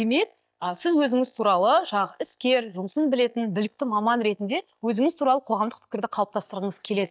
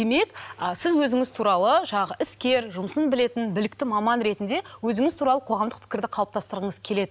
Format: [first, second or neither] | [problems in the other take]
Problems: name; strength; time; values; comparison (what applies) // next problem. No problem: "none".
second | noise reduction (neural mask model DeepFilterNet 3)